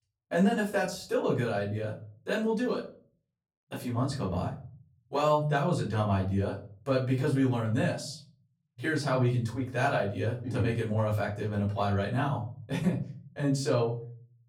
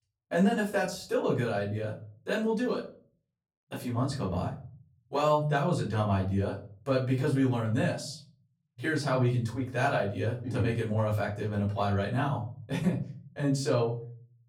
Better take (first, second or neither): neither